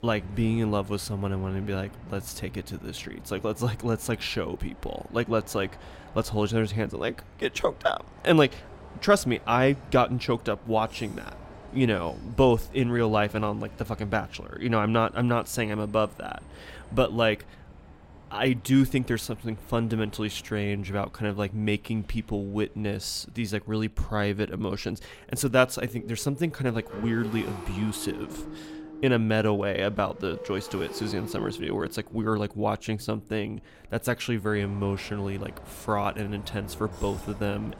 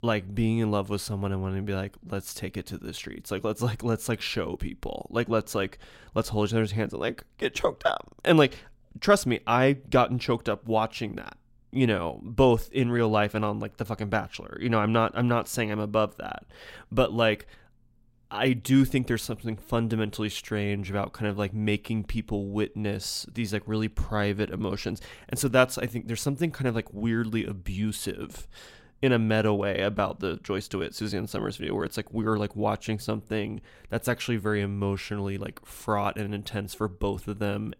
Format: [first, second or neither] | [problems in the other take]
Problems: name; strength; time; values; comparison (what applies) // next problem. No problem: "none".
second | traffic noise; noticeable; throughout; 20 dB below the speech